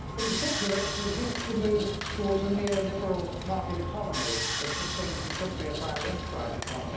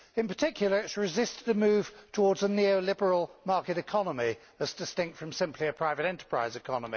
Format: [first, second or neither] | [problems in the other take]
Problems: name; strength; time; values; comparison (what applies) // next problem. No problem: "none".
second | background sound (Sawing); 2 dB below the speech // room echo; dies away in 0.9 s